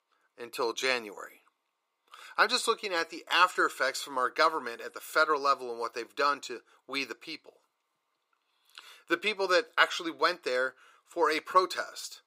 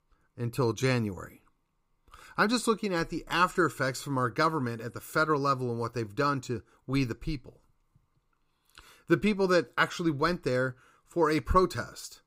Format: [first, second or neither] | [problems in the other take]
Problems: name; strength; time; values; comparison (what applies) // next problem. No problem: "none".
second | thin; very; fading below 450 Hz